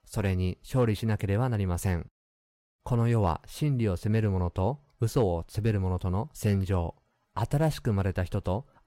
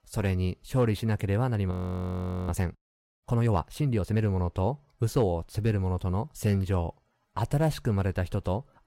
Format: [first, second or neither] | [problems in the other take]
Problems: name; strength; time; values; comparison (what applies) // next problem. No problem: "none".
first | audio freezing; at 1.5 s for 1 s